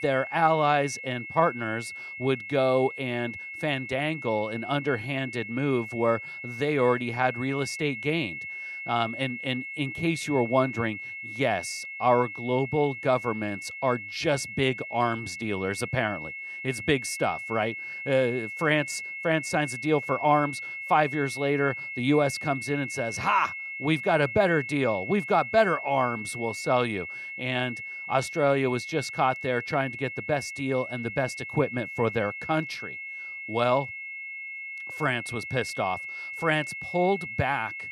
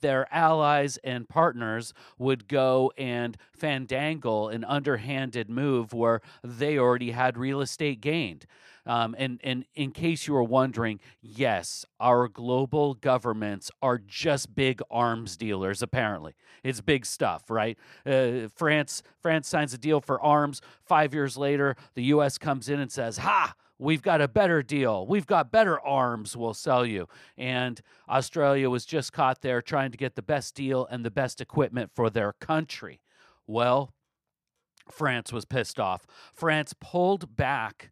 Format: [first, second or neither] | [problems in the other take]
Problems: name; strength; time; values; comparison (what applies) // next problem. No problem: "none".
second | high-pitched whine; loud; throughout; 2 kHz, 8 dB below the speech